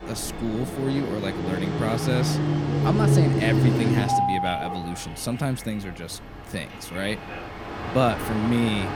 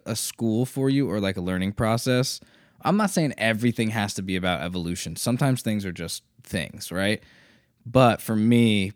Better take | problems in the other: second | train or aircraft noise; very loud; throughout; 3 dB above the speech

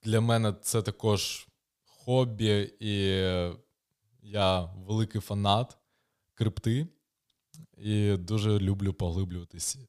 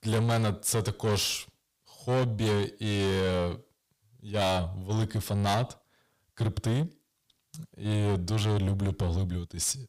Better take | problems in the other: first | distortion; heavy; 7 dB below the speech

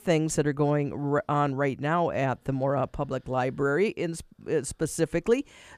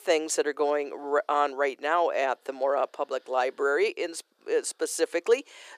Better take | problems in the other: first | thin; very; fading below 400 Hz

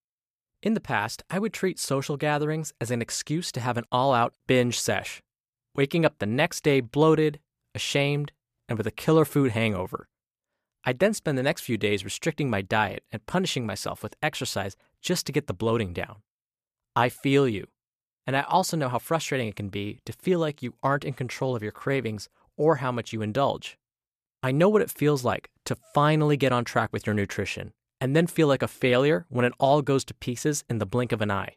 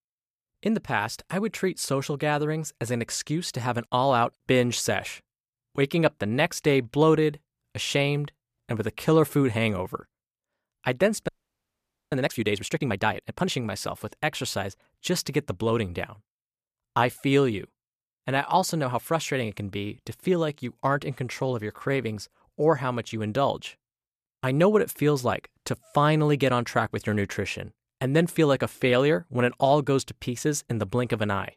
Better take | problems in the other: first | audio freezing; at 11 s for 1 s

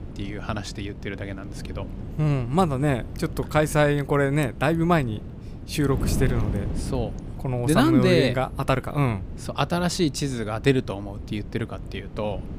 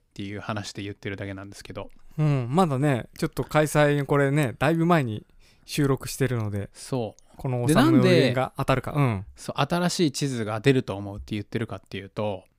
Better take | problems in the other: second | wind noise on the microphone; occasional gusts; 15 dB below the speech

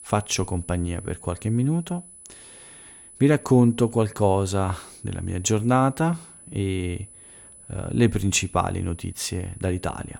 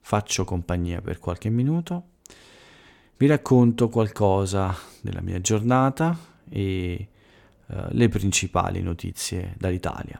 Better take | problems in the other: second | high-pitched whine; noticeable; throughout; 10 kHz, 20 dB below the speech

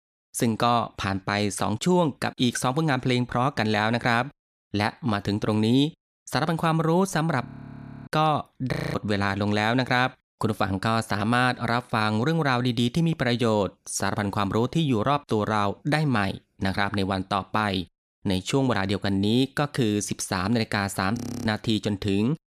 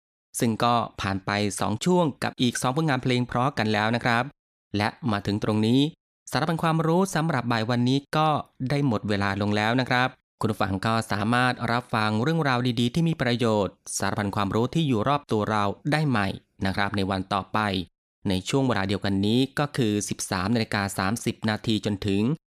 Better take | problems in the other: second | audio freezing; at 7.5 s for 0.5 s, at 8.5 s and at 21 s

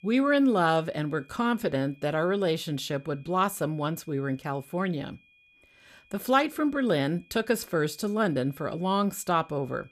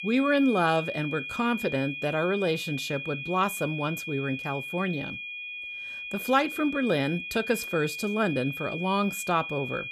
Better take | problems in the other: first | high-pitched whine; loud; throughout; 2.5 kHz, 7 dB below the speech; faint in the first

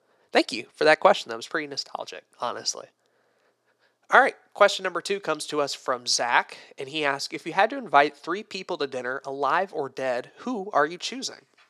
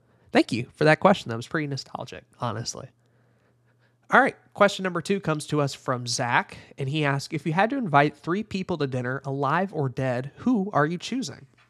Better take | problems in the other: second | thin; somewhat; fading below 500 Hz

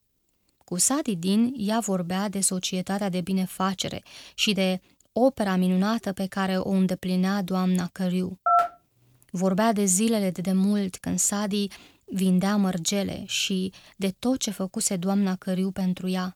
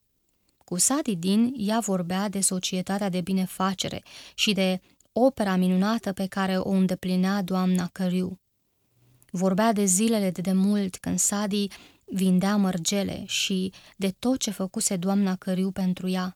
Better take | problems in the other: second | phone ringing; loud; at 8.5 s; peak 3 dB above the speech

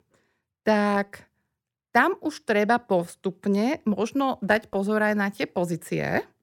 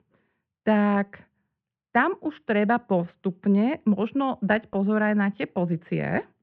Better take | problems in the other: first | muffled; very; fading above 3 kHz

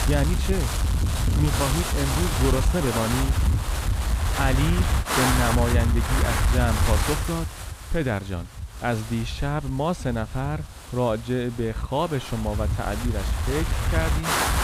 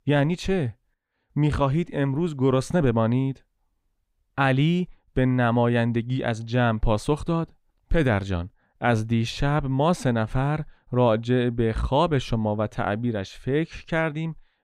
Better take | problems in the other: second | wind noise on the microphone; heavy; 1 dB above the speech

